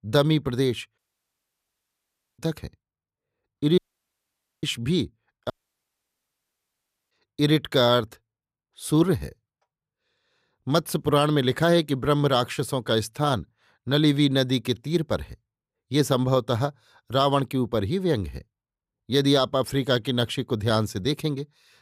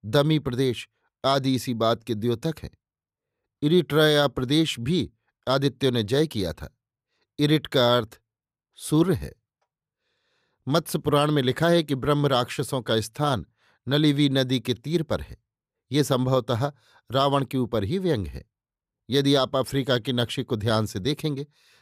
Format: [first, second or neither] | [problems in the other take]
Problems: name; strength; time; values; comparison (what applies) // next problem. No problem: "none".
second | audio cutting out; at 1 s for 1.5 s, at 4 s for 1 s and at 5.5 s for 1.5 s